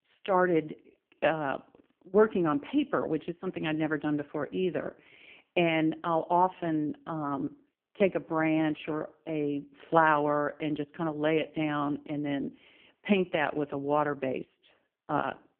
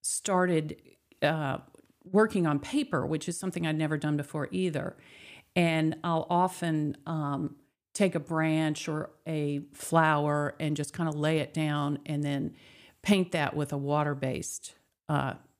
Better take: second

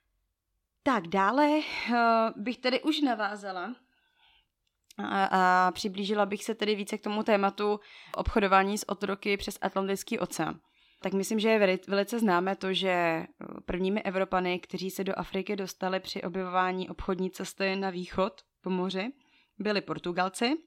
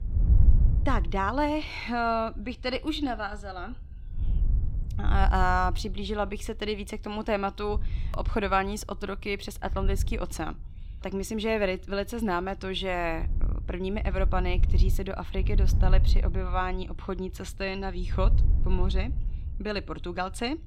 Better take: first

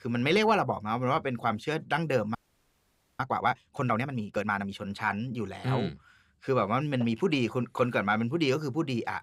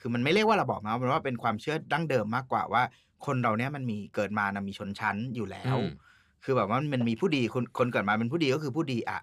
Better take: second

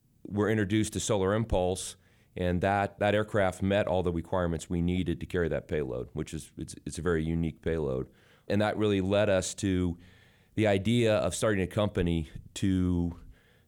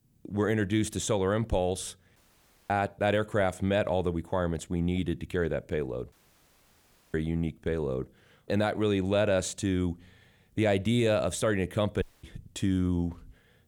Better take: first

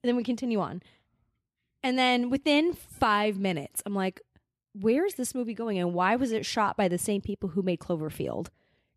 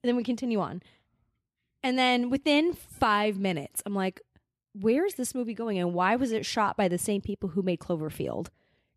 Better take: neither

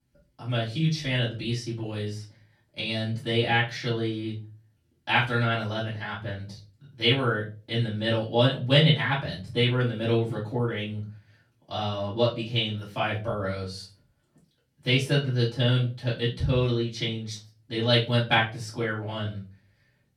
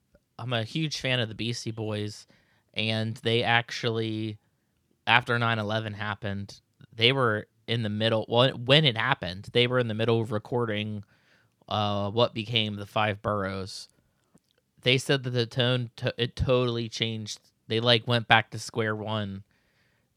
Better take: second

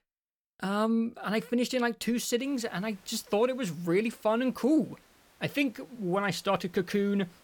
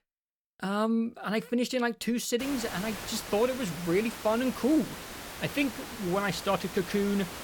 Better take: first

